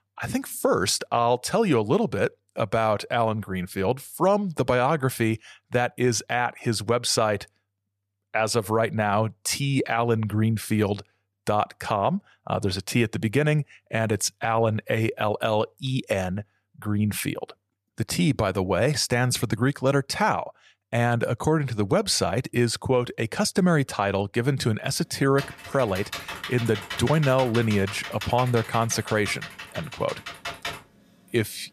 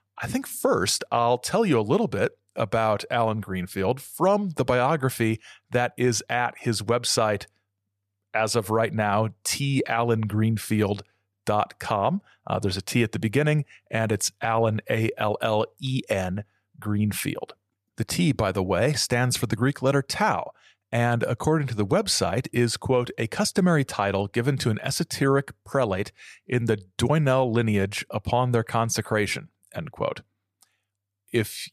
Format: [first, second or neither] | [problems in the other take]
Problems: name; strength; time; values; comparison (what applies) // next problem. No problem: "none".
second | keyboard typing; noticeable; from 25 to 31 s; peak 8 dB below the speech